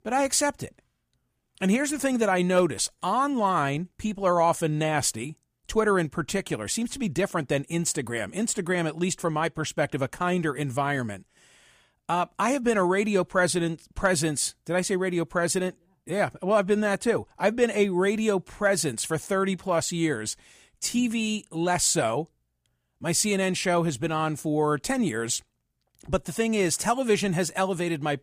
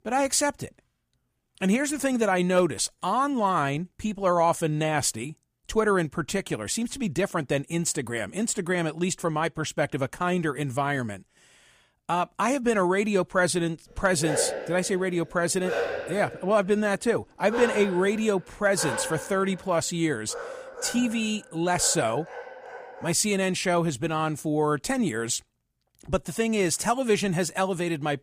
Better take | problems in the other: first | dog barking; noticeable; from 14 to 23 s; peak 3 dB below the speech

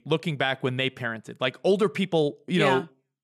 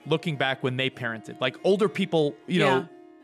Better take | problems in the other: first | background music; faint; throughout; 25 dB below the speech

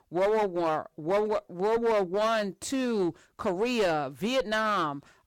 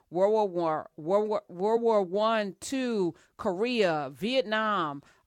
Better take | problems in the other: second | distortion; slight; 12% of the sound clipped

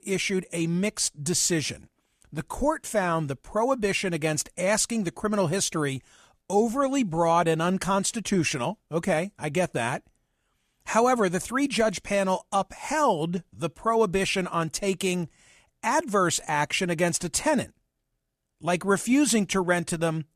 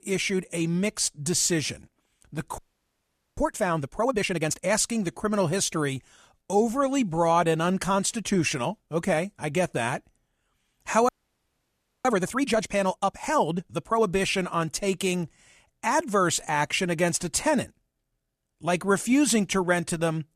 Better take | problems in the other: first | audio freezing; at 2.5 s for 1 s and at 11 s for 1 s

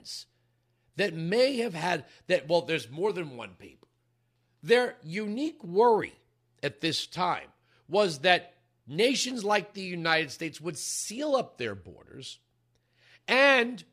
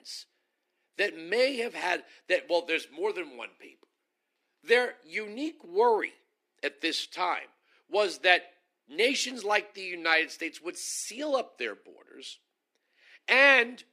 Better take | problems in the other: first | thin; very slightly; fading below 250 Hz

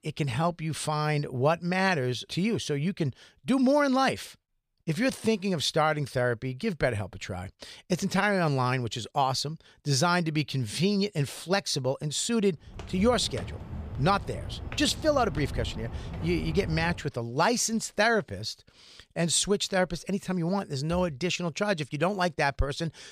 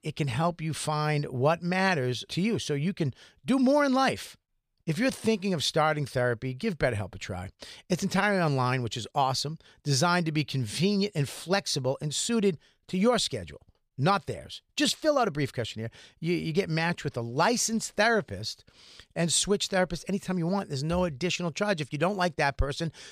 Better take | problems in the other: second | footsteps; noticeable; from 13 to 17 s; peak 9 dB below the speech

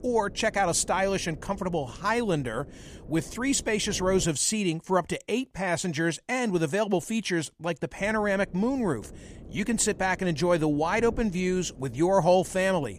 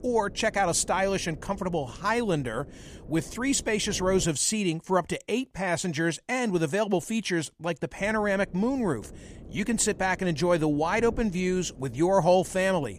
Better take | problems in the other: neither | wind noise on the microphone; occasional gusts; until 4.5 s and from 8 s on; 25 dB below the speech; the same in both

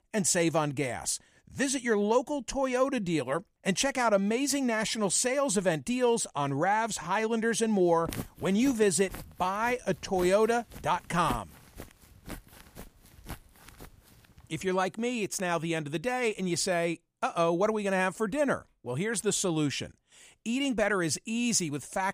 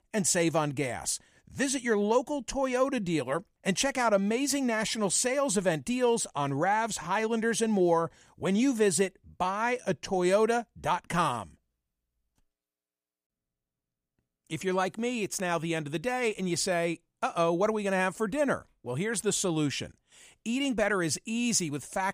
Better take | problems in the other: second | footsteps; faint; from 8 to 14 s; peak 10 dB below the speech

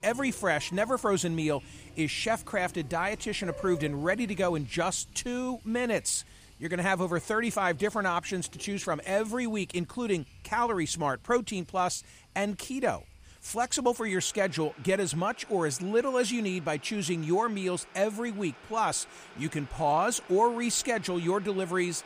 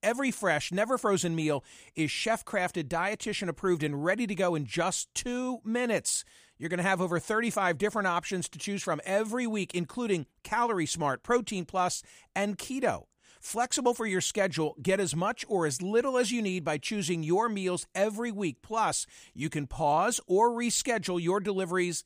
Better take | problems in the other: second | household noises; faint; throughout; 20 dB below the speech

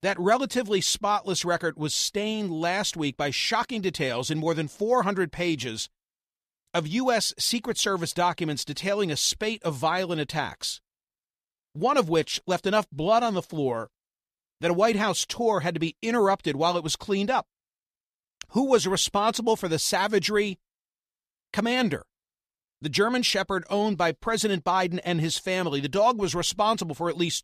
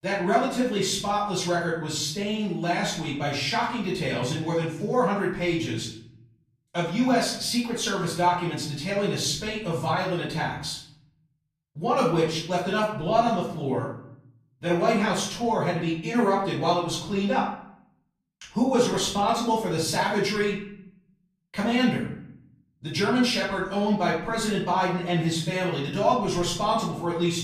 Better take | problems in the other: first | off-mic speech; far // room echo; noticeable; dies away in 0.7 s

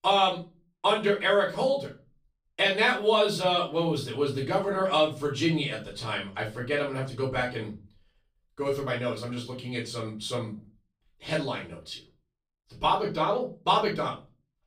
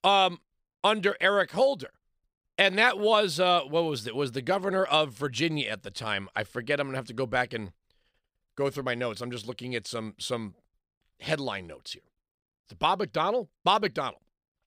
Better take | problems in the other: second | off-mic speech; far // room echo; slight; dies away in 0.3 s

